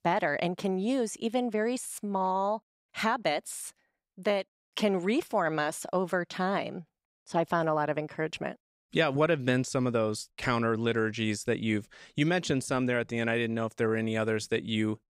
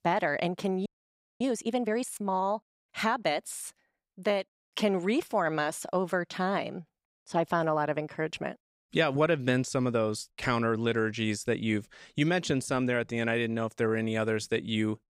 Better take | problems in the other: first | audio freezing; at 1 s for 0.5 s

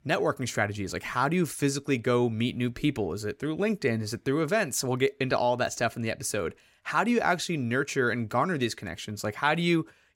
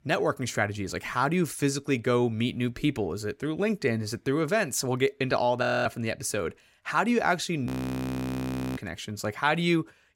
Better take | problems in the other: first | audio freezing; at 5.5 s and at 7.5 s for 1 s

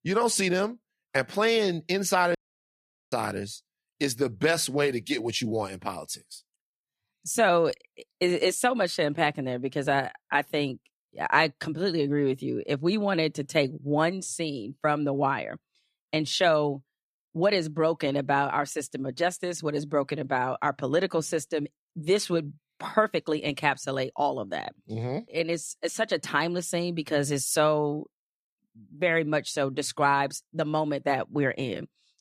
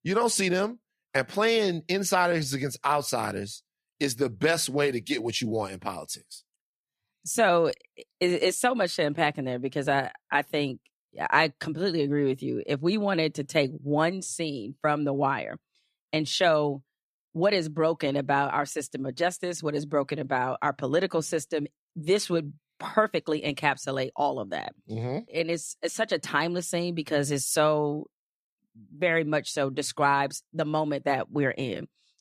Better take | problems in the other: second | audio cutting out; at 2.5 s for 1 s

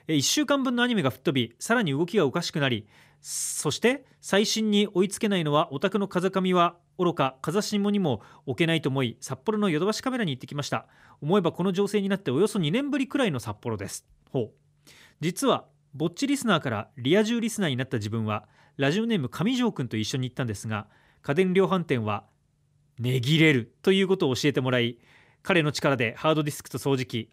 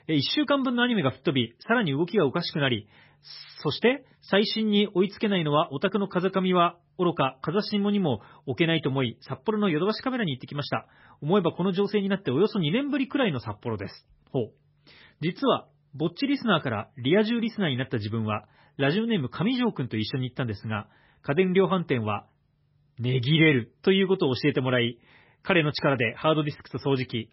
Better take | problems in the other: first | garbled, watery; badly; nothing above 5.5 kHz

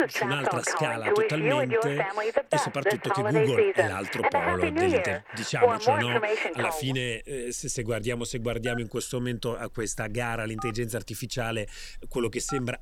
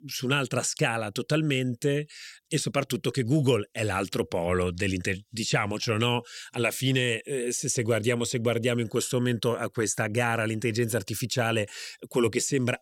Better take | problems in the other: second | alarms or sirens; very loud; throughout; 4 dB above the speech

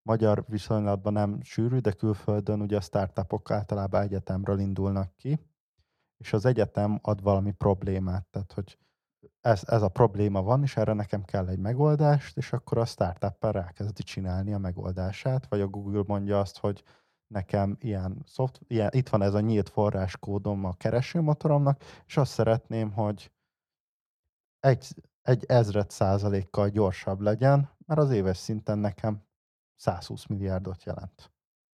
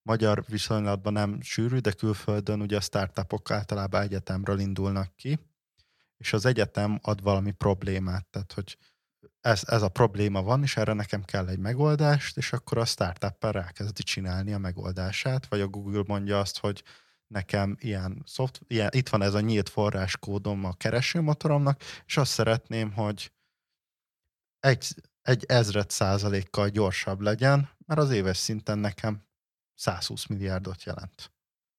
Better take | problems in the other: second | muffled; slightly; fading above 1 kHz

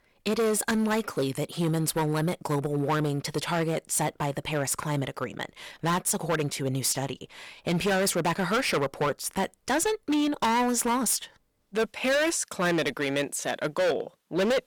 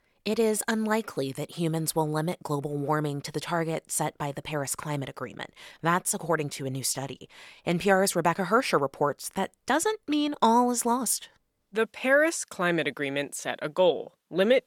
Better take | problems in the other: second | distortion; heavy; 13% of the sound clipped

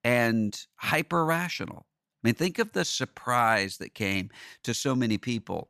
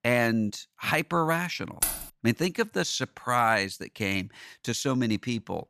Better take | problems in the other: first | jangling keys; noticeable; at 2 s; peak level with the speech

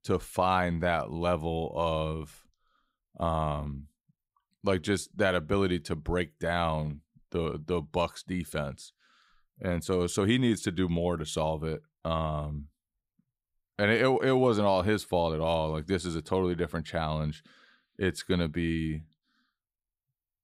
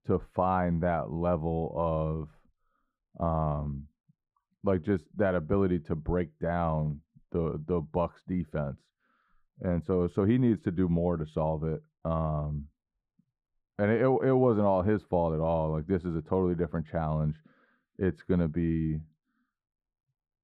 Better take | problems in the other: first | muffled; very; fading above 2.5 kHz

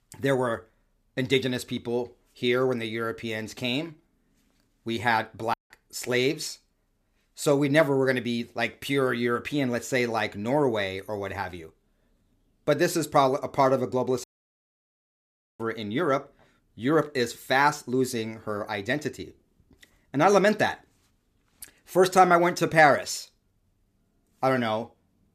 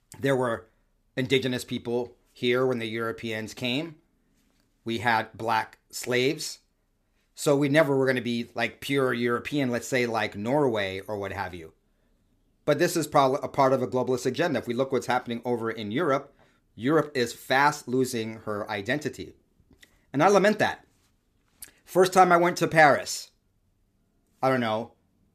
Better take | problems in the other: second | audio cutting out; at 5.5 s and at 14 s for 1.5 s

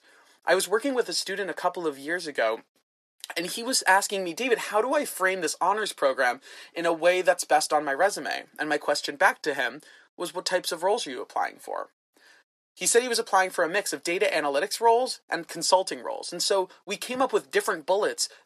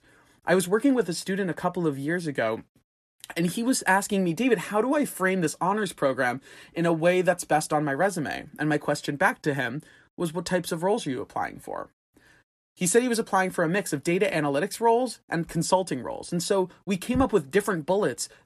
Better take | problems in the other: second | thin; somewhat; fading below 550 Hz

